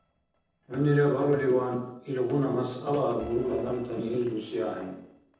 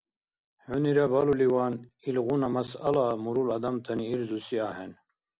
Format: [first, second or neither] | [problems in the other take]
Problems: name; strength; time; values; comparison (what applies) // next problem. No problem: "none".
second | noise reduction (neural separator model SepFormer DNS4)